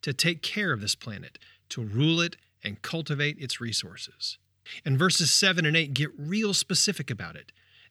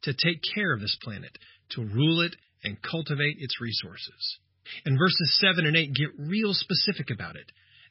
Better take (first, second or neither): first